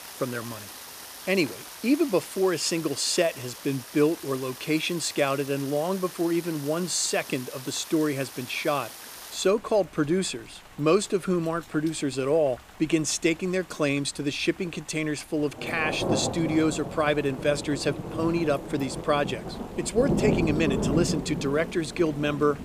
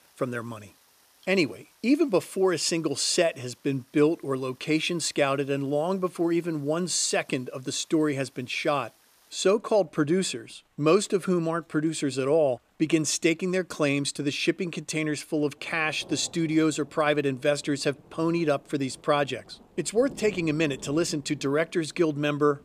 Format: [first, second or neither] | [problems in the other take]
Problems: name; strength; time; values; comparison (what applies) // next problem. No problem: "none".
second | rain or running water; loud; throughout; 8 dB below the speech; faint in the second